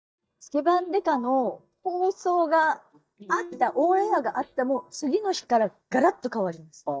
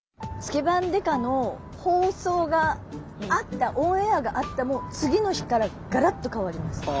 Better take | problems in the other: second | noise reduction (neural mask model DeepFilterNet 3)

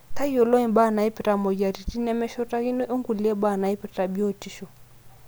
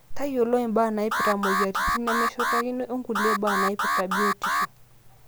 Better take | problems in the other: first | background sound (Alarm); 2 dB above the speech

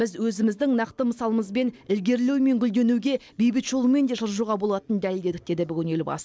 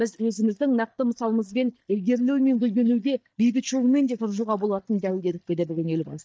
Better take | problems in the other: first | noise reduction (neural mask model DeepFilterNet 3)

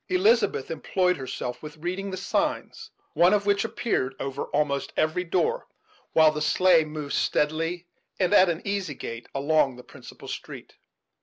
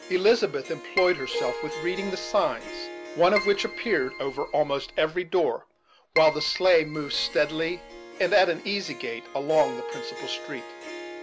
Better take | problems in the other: first | background sound (Keyboard (musical) + Harp); 10 dB below the speech

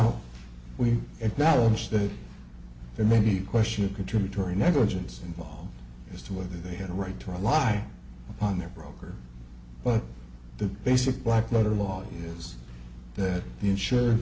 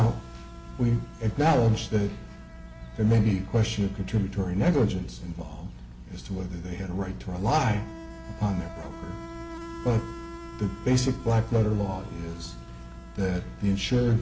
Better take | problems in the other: first | background sound (Insect); 19 dB below the speech

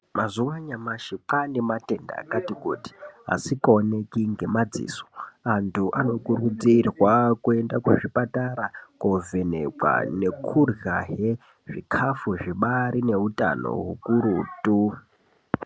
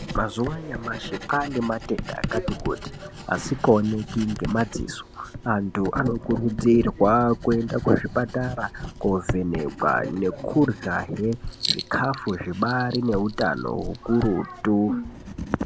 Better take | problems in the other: first | background sound (Writing); 10 dB below the speech

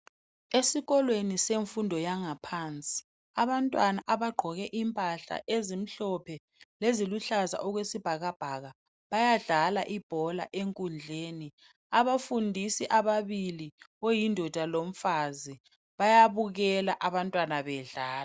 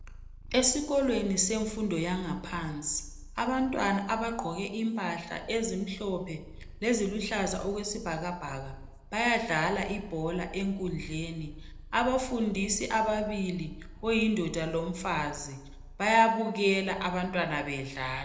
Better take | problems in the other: first | background sound (Purr); 16 dB below the speech // room echo; dies away in 0.7 s

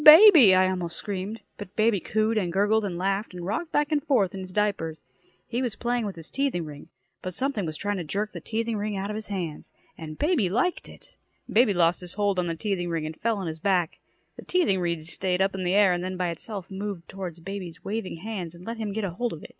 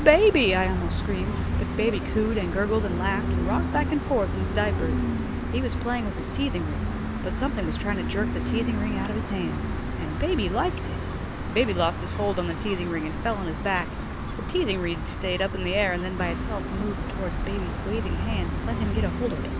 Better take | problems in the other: first | background sound (Gull, seagull); 1 dB below the speech

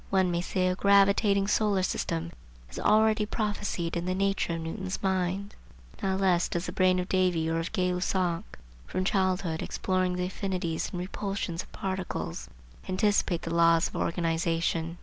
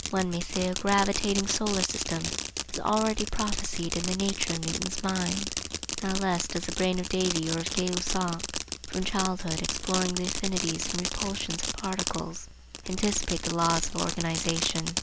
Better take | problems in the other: first | background sound (Fireworks); 4 dB below the speech

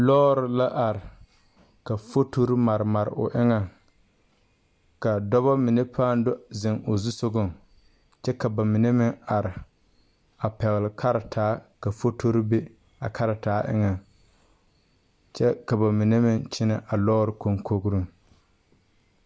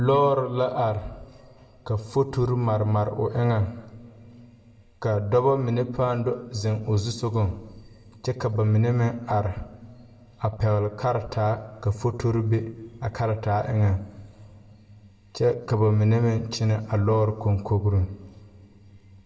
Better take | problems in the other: first | room echo; dies away in 1.5 s

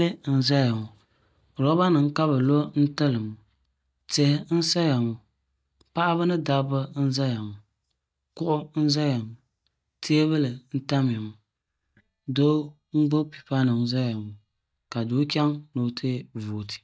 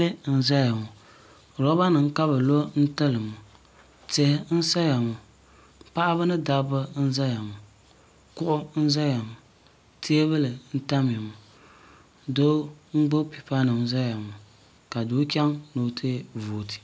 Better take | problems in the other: second | noise reduction (neural mask model DeepFilterNet 3)

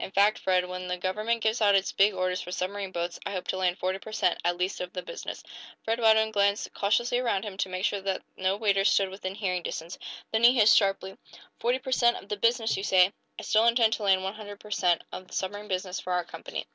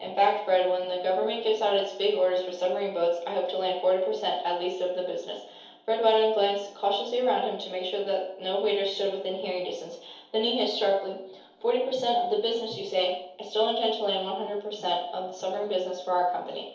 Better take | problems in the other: first | room echo; dies away in 0.8 s

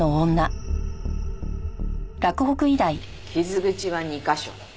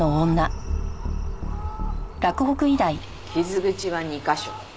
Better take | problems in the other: first | background sound (Fowl); 18 dB below the speech

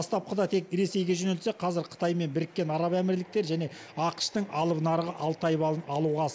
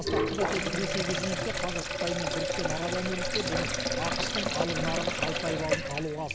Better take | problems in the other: first | background sound (Sink (filling or washing)); 4 dB above the speech

